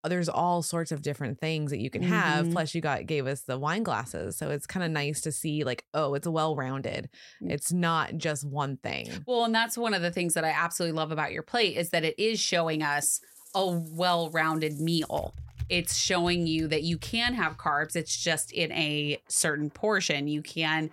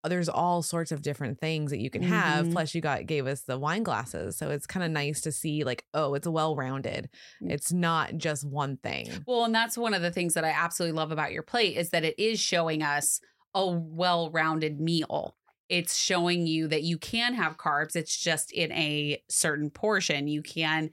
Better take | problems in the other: second | household noises; noticeable; from 13 s on; 20 dB below the speech

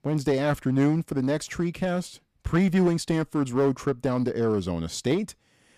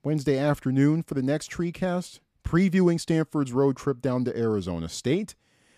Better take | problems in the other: second | distortion; slight; 7% of the sound clipped

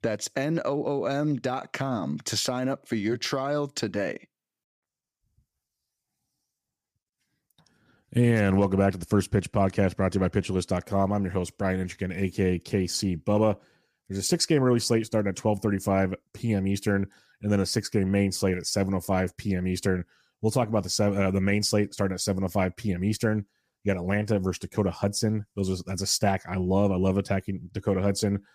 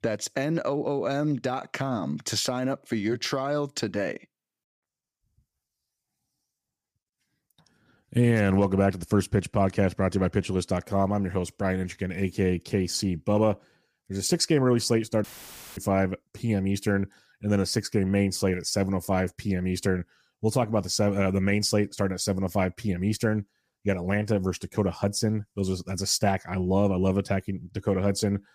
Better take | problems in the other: first | audio cutting out; filled with static; at 15 s for 0.5 s

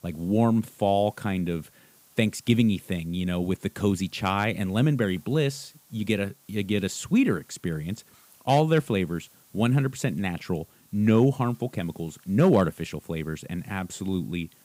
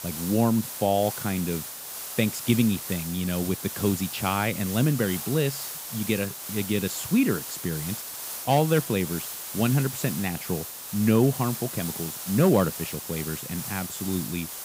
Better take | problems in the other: first | hiss; loud; throughout; 7 dB below the speech; faint in the first

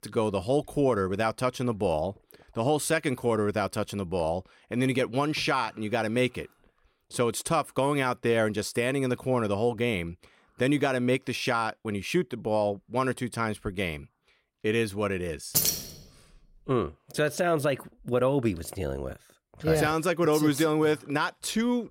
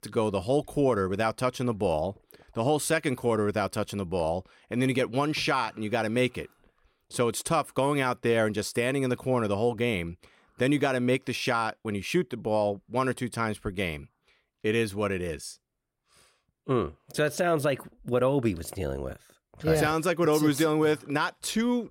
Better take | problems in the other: second | jangling keys; loud; at 16 s; peak 4 dB above the speech

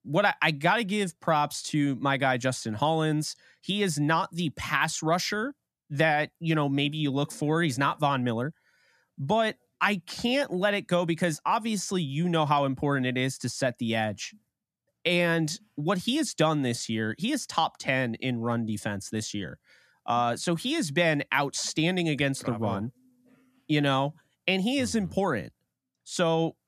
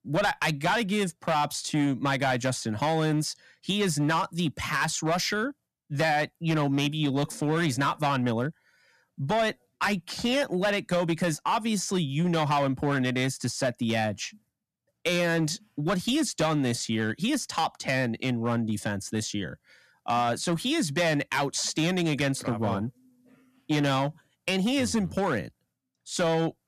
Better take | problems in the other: first | distortion; slight; 7% of the sound clipped

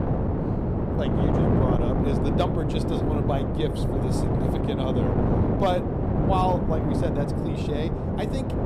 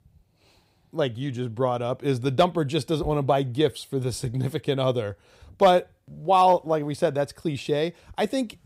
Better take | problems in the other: second | wind noise on the microphone; heavy; as loud as the speech

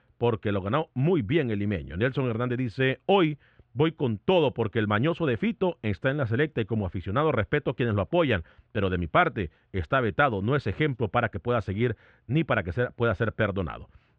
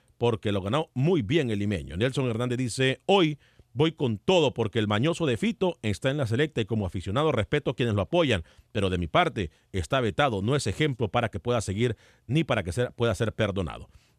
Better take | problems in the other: second | muffled; very; fading above 2.5 kHz

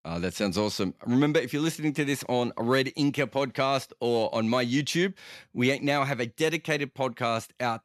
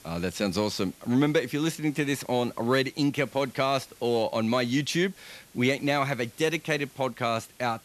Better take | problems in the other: first | hiss; faint; throughout; 25 dB below the speech

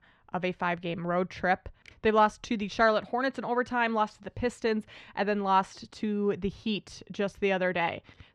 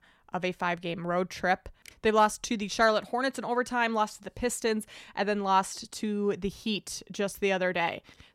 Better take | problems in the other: second | muffled; very slightly; fading above 3.5 kHz

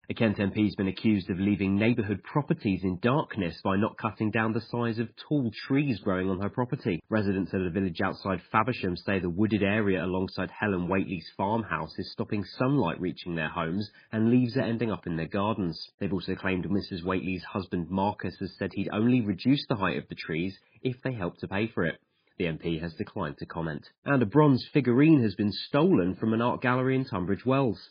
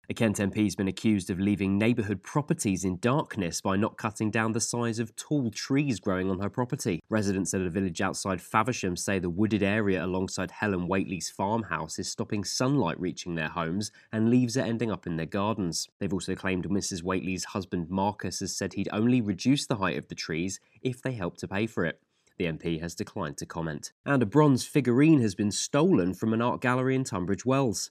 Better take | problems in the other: second | garbled, watery; badly

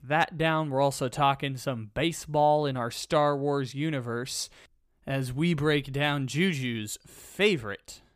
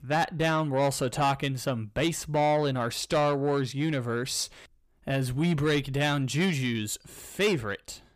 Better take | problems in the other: first | distortion; slight; 10 dB below the speech

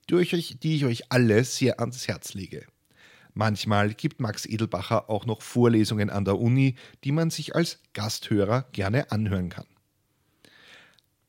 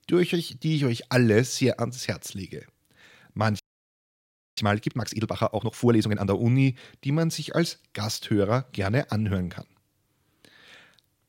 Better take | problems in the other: first | audio freezing; at 3.5 s for 1 s

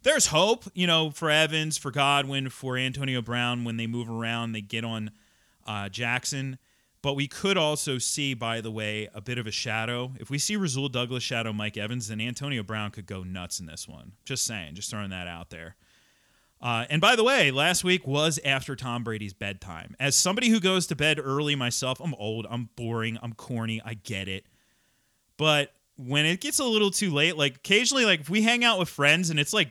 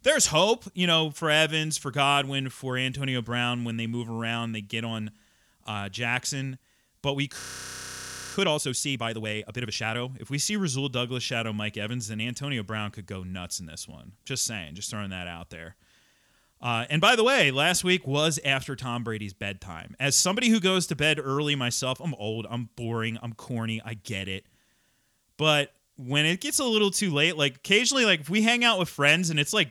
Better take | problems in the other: first | audio freezing; at 7.5 s for 1 s

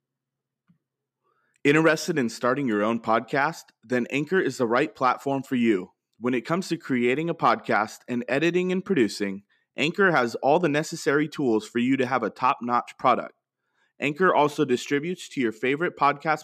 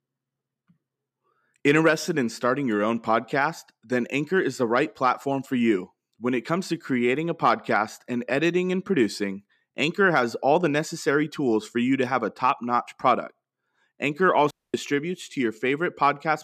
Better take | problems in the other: first | audio cutting out; at 15 s

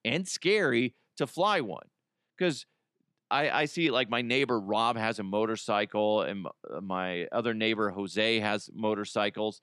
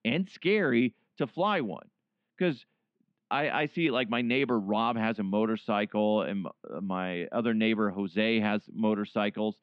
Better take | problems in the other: first | muffled; slightly; fading above 3 kHz

